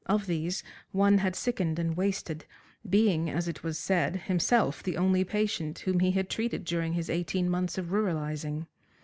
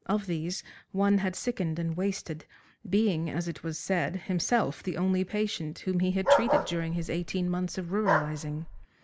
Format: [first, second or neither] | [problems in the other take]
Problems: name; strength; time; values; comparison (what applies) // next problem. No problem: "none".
first | background sound (Bark); as loud as the speech